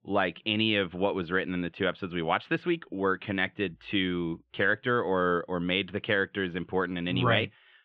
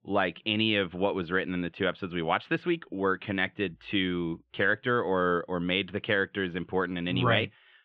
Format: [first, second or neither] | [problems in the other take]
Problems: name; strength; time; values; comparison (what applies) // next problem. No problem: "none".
neither | muffled; very; fading above 3 kHz; the same in both